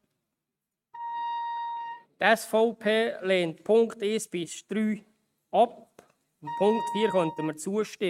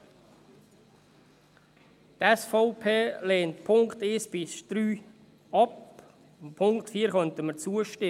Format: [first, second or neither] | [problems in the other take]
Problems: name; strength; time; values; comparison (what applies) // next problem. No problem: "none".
second | noise reduction (neural mask model RNNoise)